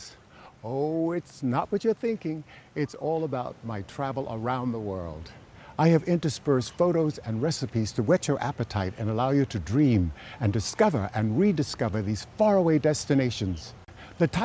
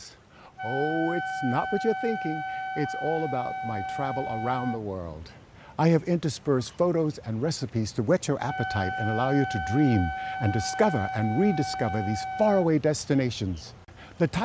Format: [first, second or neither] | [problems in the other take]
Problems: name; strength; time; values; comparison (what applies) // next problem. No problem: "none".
first | background sound (Wind instrument, woodwind instrument); 7 dB below the speech